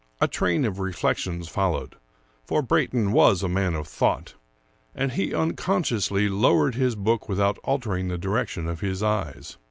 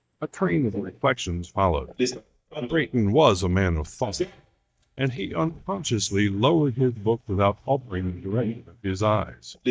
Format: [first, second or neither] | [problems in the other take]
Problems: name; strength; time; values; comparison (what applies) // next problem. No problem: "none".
first | noise reduction (neural mask model DeepFilterNet 3)